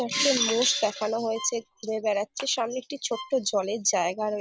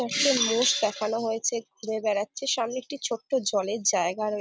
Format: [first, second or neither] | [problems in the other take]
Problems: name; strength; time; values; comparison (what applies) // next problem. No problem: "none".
second | background sound (Bowed string instrument + Clapping); 18 dB below the speech